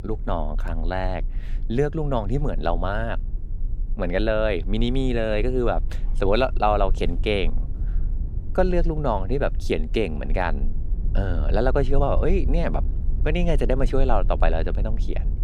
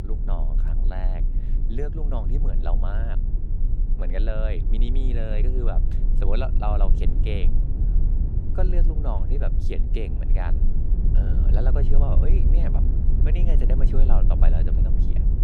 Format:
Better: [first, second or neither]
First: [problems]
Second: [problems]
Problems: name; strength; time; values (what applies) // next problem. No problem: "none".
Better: first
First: low rumble; faint; throughout; 20 dB below the speech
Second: low rumble; loud; throughout; 5 dB below the speech